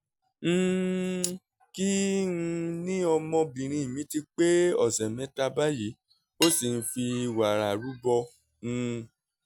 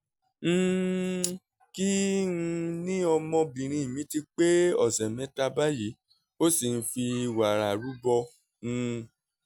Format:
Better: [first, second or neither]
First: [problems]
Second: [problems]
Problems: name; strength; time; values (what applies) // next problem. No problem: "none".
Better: second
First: background sound (Cutlery, silverware / Dishes, pots, and pans); 11 dB below the speech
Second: none